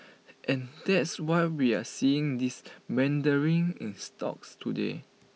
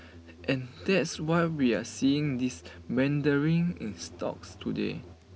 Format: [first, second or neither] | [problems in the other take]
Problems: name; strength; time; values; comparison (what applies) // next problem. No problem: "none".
first | background sound (Musical instrument + Engine starting); 19 dB below the speech